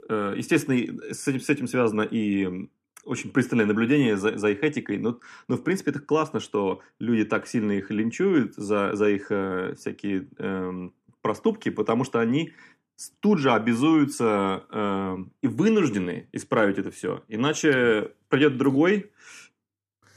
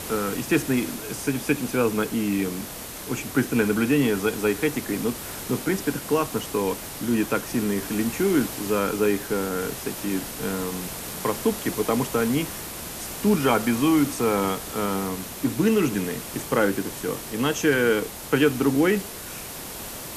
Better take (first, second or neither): first